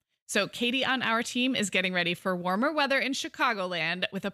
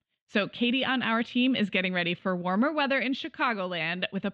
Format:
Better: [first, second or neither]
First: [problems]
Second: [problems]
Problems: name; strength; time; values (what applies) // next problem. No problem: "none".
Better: first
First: none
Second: muffled; slightly; fading above 3.5 kHz